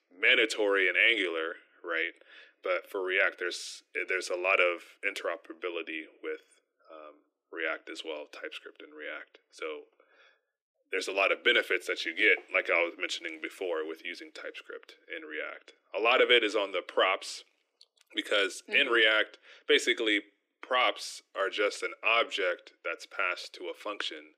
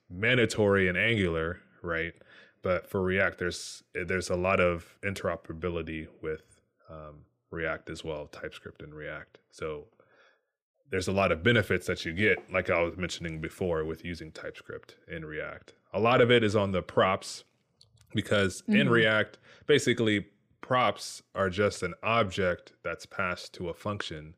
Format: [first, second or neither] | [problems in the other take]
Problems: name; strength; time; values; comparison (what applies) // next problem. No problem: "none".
second | thin; very; fading below 300 Hz